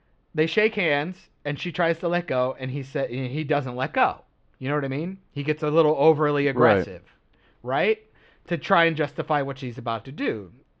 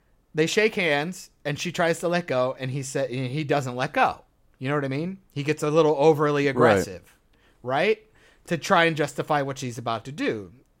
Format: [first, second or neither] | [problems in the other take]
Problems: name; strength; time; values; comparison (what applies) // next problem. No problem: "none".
second | muffled; slightly; fading above 4 kHz